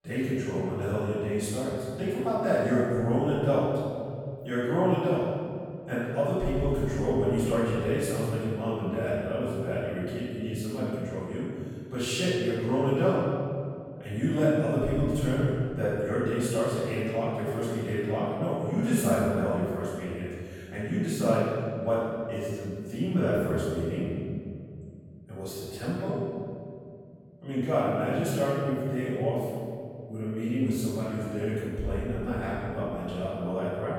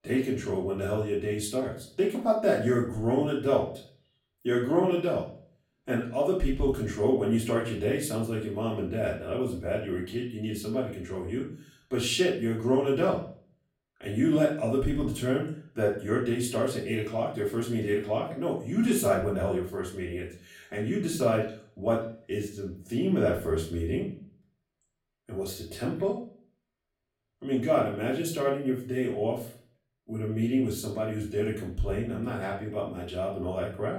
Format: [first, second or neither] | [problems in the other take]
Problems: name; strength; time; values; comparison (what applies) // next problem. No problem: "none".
second | room echo; strong; dies away in 2.2 s; slight in the second // off-mic speech; far; far in the second